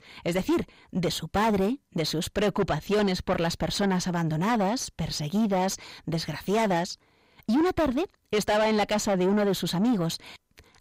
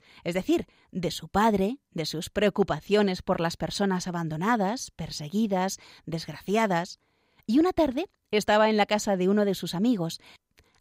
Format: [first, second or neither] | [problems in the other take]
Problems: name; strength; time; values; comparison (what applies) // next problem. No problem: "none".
second | distortion; heavy; 7 dB below the speech